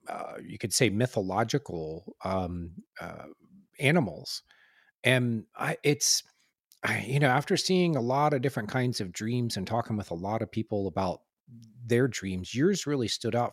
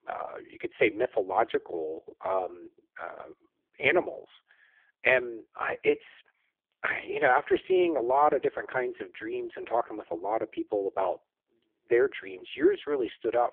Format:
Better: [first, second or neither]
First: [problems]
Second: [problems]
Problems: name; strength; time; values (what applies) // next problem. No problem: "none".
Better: first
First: none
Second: phone-call audio; poor line; nothing above 3.5 kHz